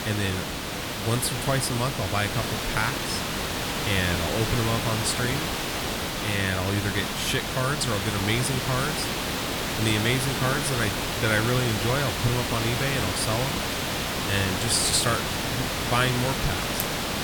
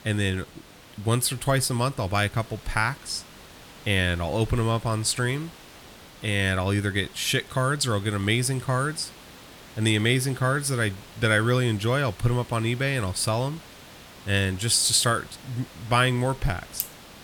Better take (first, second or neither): second